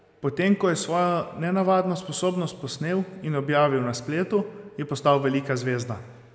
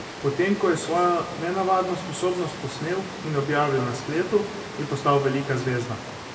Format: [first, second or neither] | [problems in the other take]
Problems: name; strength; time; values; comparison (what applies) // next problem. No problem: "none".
first | background sound (Water); 12 dB below the speech // room echo; dies away in 1.3 s